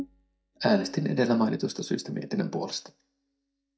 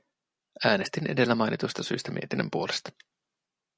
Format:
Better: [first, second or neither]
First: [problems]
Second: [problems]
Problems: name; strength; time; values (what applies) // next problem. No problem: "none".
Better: second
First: noise reduction (neural mask model DeepFilterNet 3)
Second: none